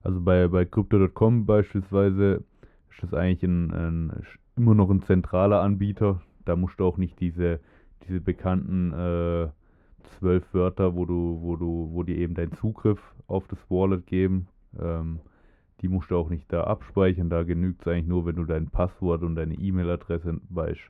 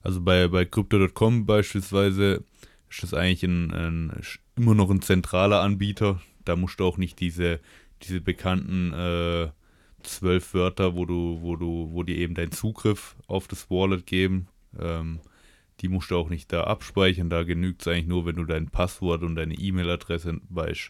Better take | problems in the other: second | muffled; very; fading above 3 kHz

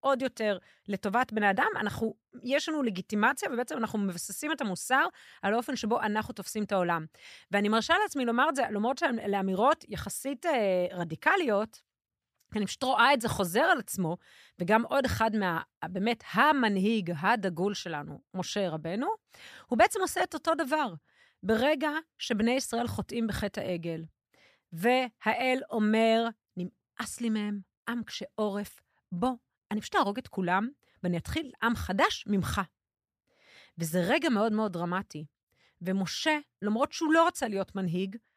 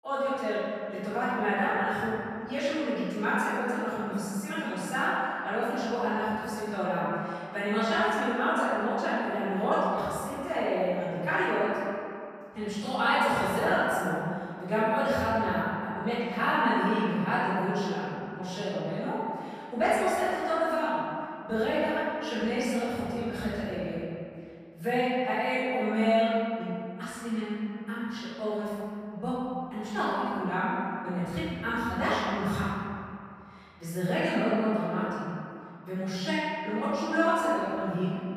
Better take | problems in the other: first | off-mic speech; far // room echo; strong; dies away in 2.3 s

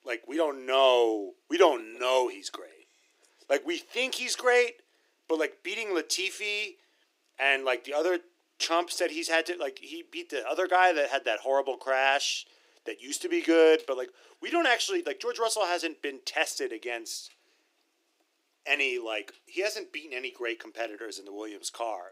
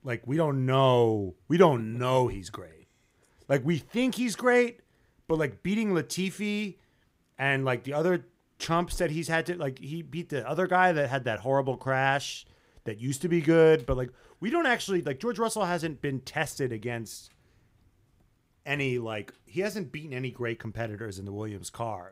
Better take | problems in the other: second | thin; very; fading below 300 Hz

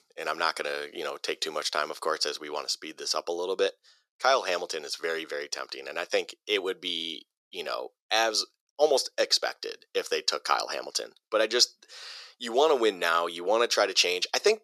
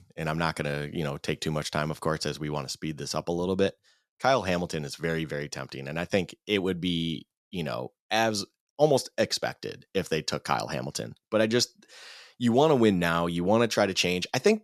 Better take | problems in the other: second | thin; very; fading below 400 Hz

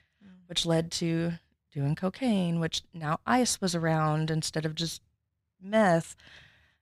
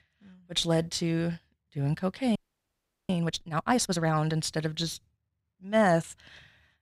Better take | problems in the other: first | audio freezing; at 2.5 s for 0.5 s

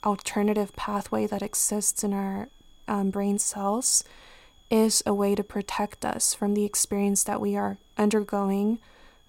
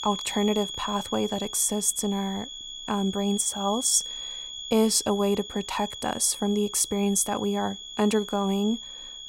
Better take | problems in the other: first | high-pitched whine; loud; throughout; 3.5 kHz, 10 dB below the speech; faint in the first

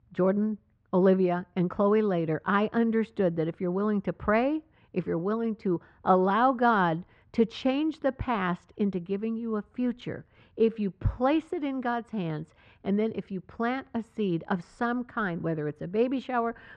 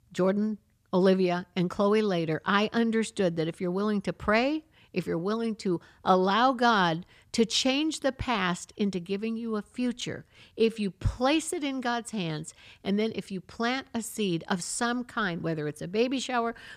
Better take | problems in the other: second | muffled; very; fading above 1.5 kHz

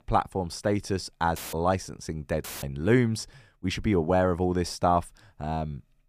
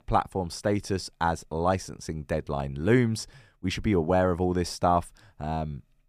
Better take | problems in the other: second | audio cutting out; filled with static; at 1.5 s and at 2.5 s

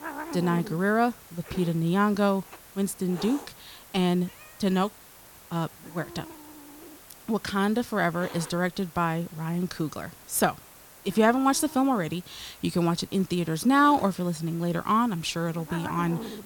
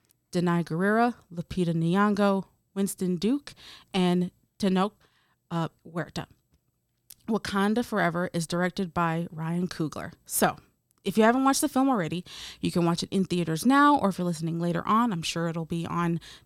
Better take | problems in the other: second | hiss; noticeable; throughout; 15 dB below the speech

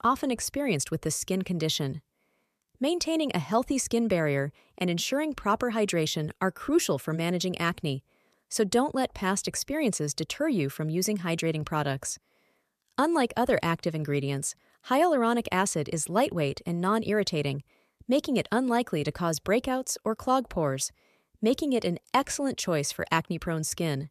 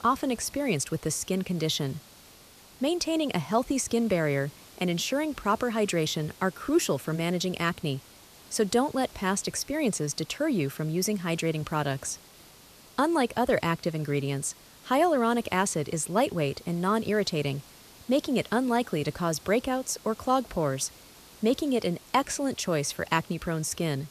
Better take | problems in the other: first | hiss; faint; throughout; 20 dB below the speech

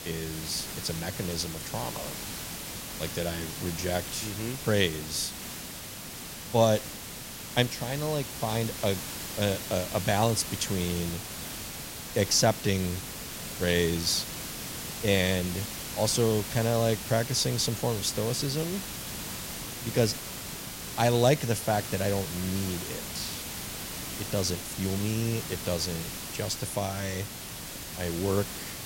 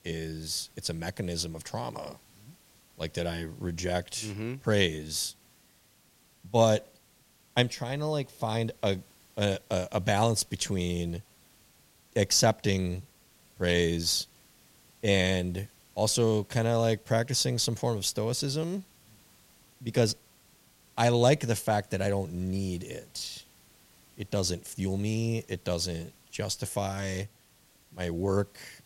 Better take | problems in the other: second | hiss; loud; throughout; 7 dB below the speech; faint in the second

